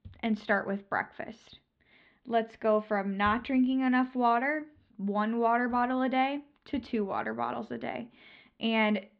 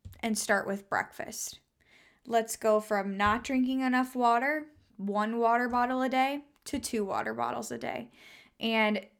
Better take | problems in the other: second | muffled; very; fading above 3.5 kHz

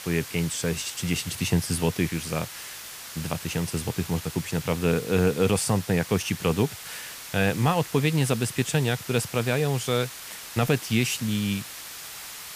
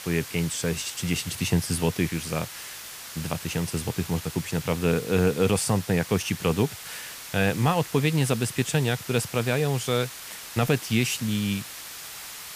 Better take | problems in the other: neither | hiss; noticeable; throughout; 10 dB below the speech; the same in both

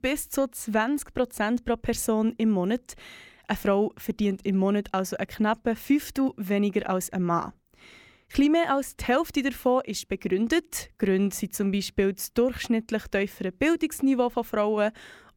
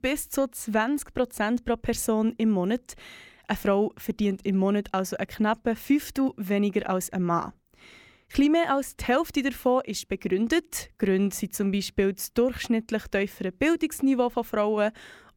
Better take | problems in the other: neither | none

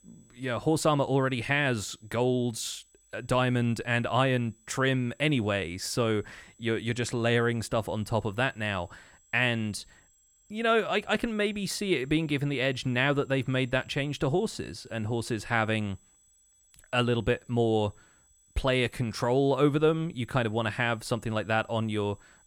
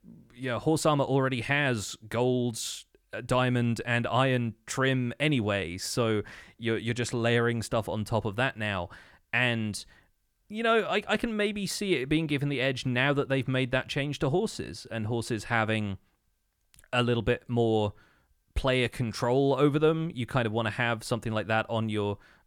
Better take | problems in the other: second | high-pitched whine; faint; throughout; 8 kHz, 30 dB below the speech

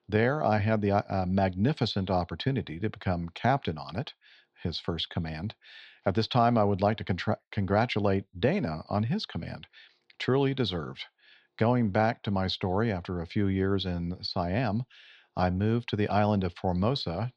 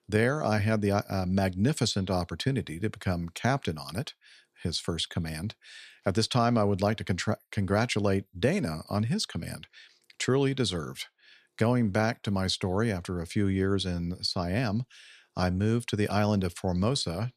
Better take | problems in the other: second | muffled; very slightly; fading above 4 kHz

